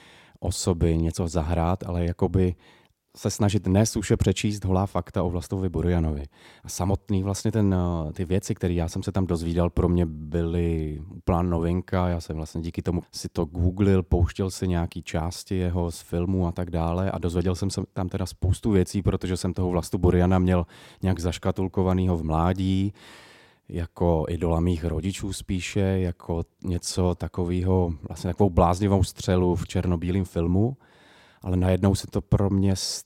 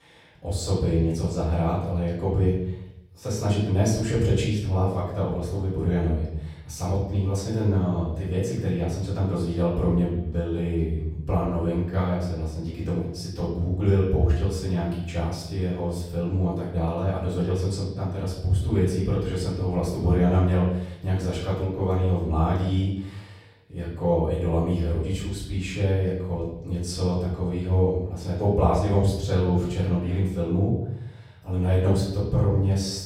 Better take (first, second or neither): first